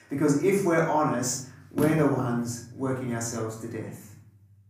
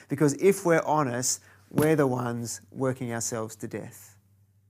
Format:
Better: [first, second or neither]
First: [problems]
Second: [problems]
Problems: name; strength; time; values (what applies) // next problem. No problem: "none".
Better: second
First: off-mic speech; far // room echo; noticeable; dies away in 0.6 s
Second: none